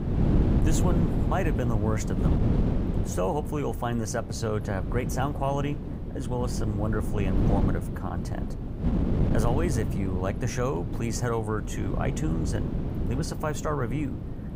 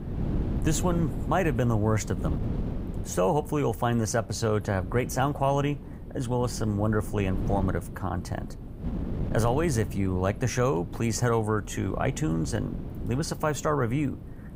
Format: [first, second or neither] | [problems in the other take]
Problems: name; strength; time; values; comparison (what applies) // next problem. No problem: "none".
second | wind noise on the microphone; heavy; 5 dB below the speech; occasional gusts in the second